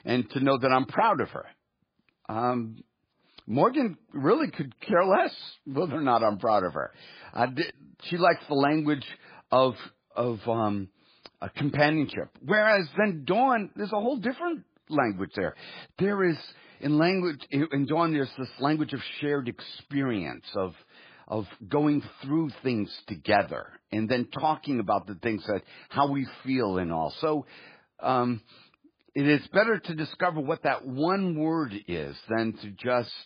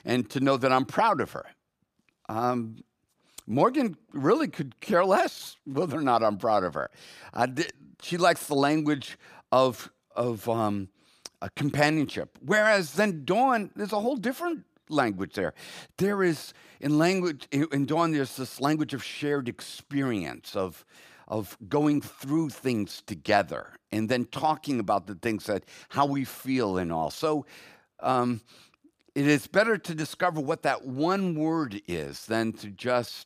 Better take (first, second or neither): second